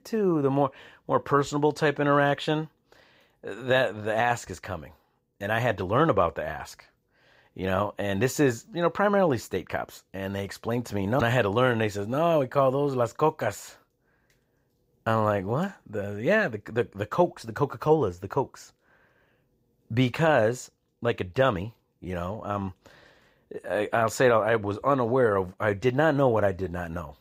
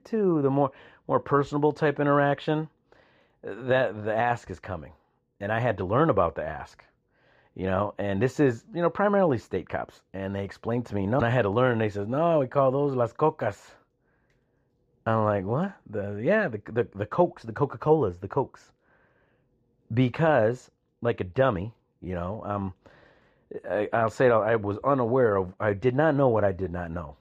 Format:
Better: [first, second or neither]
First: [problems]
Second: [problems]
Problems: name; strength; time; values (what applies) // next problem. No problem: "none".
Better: first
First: none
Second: muffled; slightly; fading above 1.5 kHz